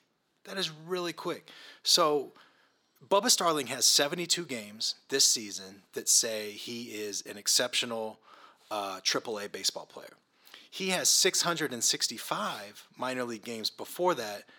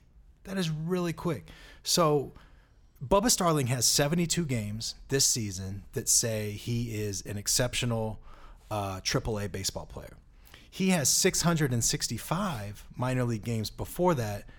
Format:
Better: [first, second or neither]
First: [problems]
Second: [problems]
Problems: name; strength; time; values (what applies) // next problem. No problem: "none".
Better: second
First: thin; somewhat; fading below 250 Hz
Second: none